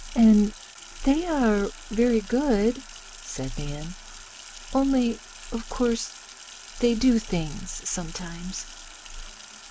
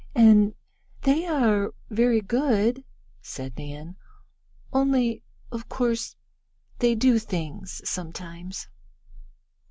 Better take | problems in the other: second | background sound (Sink (filling or washing)); 18 dB below the speech

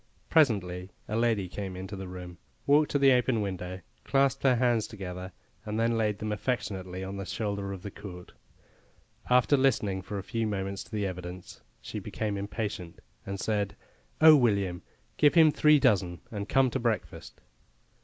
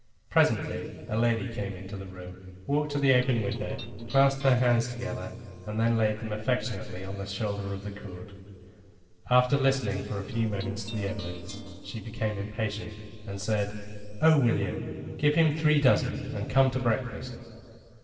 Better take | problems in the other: first | noise reduction (neural separator model SepFormer DNS4)

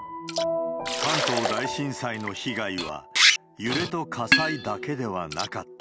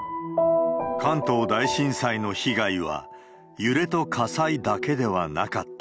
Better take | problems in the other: second | background sound (Liquid); 2 dB above the speech

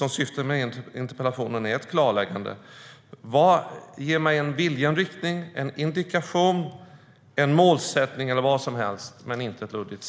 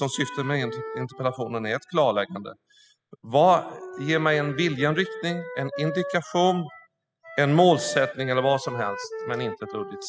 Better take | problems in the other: first | noise reduction (classical method spectral subtraction)

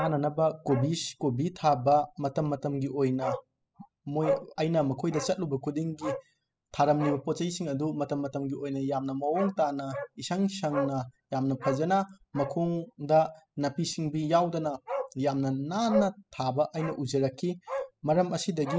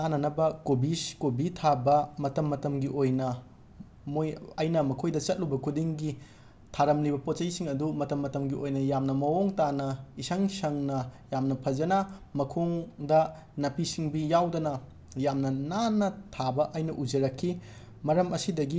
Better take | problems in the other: second | noise reduction (classical method spectral subtraction)

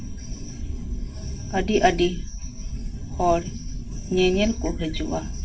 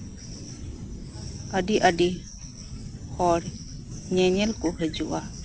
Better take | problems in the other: second | room echo; dies away in 0.1 s

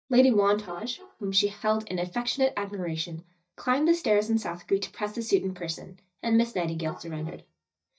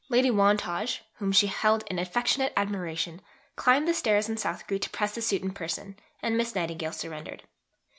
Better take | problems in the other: second | noise reduction (neural mask model DeepFilterNet 3)

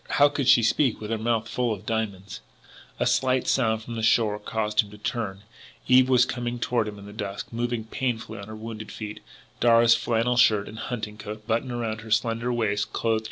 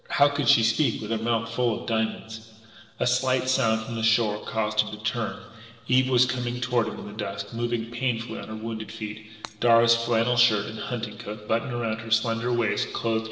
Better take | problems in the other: first | noise reduction (neural separator model SepFormer DNS4)

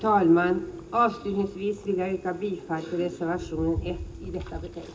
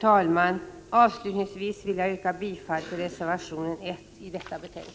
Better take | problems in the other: second | background sound (Waves, surf); 14 dB below the speech // room echo; dies away in 0.2 s

